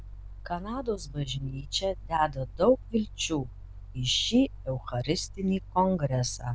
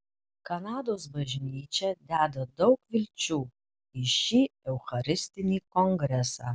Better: second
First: background sound (Mechanical fan); 13 dB below the speech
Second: none

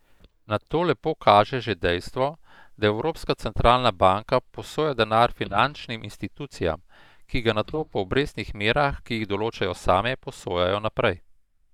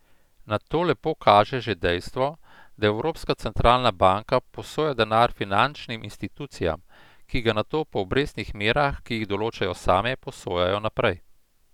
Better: second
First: noise reduction (neural mask model DeepFilterNet 3)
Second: none

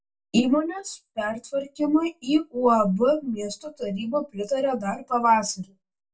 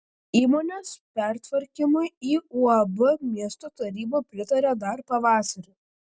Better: second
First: room echo; dies away in 0.1 s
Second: none

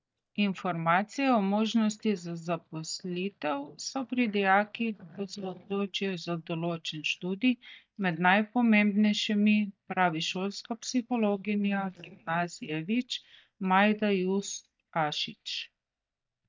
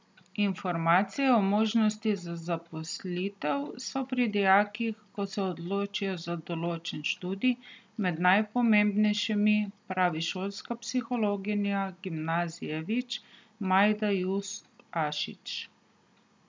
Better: second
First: noise reduction (neural mask model DeepFilterNet 3)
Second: none

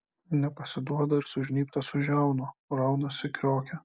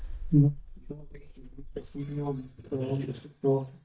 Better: first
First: none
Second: noise reduction (neural mask model DeepFilterNet 3)

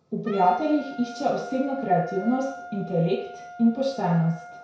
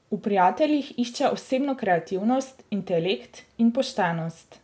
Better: second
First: background sound (Wind instrument, woodwind instrument); 15 dB below the speech // room echo; dies away in 0.6 s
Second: none

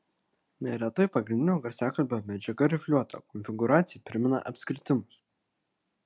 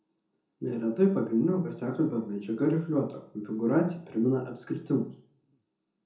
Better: first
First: none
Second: room echo; dies away in 0.6 s

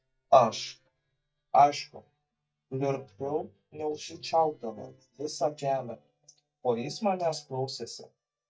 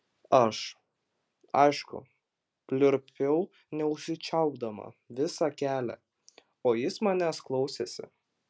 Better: second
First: noise reduction (neural mask model DeepFilterNet 3)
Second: none

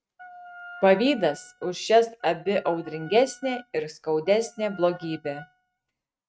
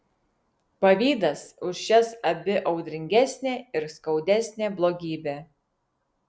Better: second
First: noise reduction (neural mask model RNNoise)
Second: none

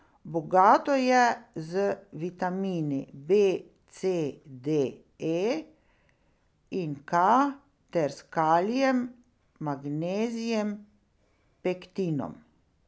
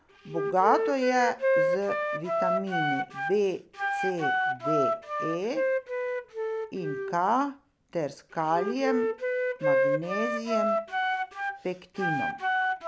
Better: first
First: none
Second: background sound (Wind instrument, woodwind instrument); 2 dB above the speech

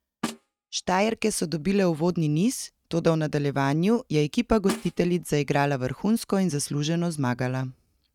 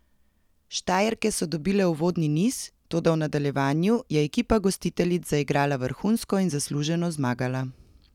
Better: second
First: noise reduction (neural mask model RNNoise)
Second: none

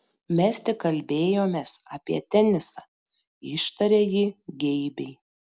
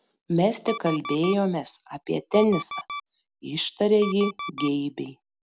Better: first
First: none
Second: background sound (Alarm); 12 dB below the speech

